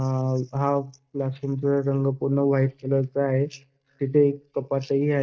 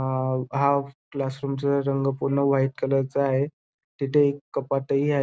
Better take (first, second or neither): second